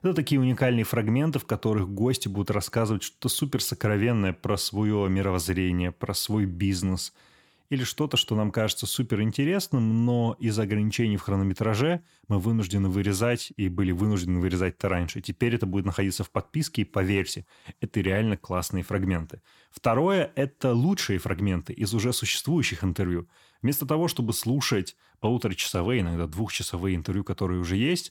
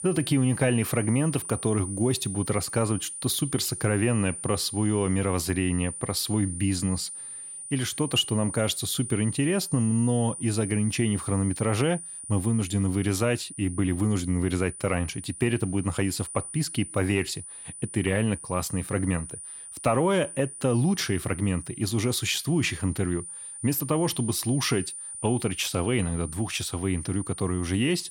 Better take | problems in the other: first | high-pitched whine; loud; throughout; 9.5 kHz, 9 dB below the speech

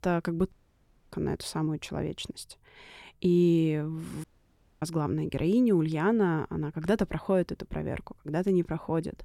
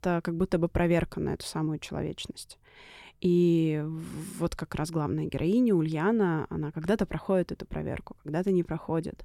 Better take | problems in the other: second | audio cutting out; at 0.5 s for 0.5 s and at 4 s for 0.5 s

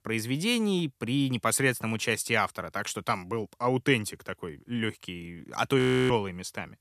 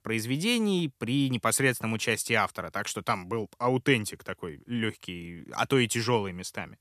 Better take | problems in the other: second | audio freezing; at 6 s

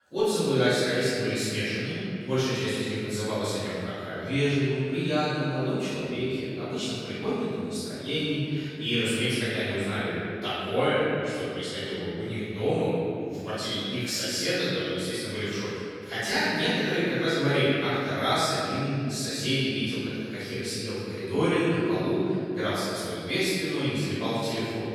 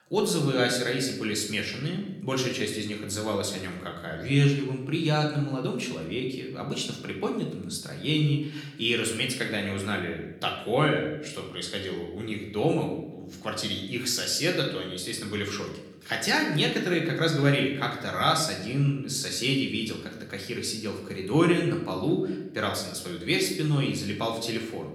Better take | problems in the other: second | room echo; strong; dies away in 2.3 s; slight in the second // off-mic speech; far; somewhat distant in the second

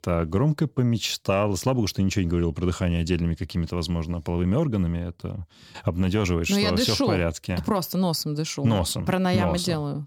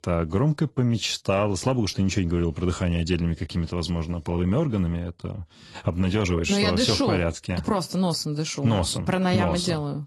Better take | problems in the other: first | garbled, watery; slightly; nothing above 11.5 kHz

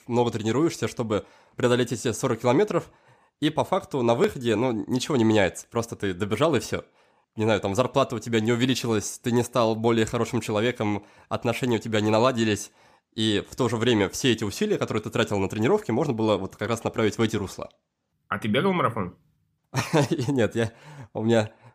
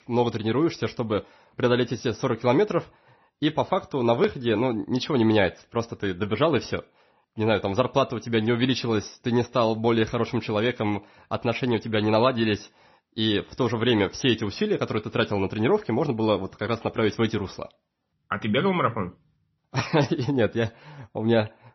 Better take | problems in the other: first | garbled, watery; slightly; nothing above 6 kHz

